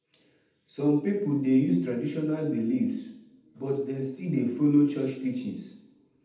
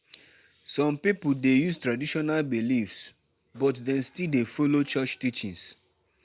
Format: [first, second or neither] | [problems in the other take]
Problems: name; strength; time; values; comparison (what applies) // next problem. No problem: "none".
second | room echo; dies away in 0.8 s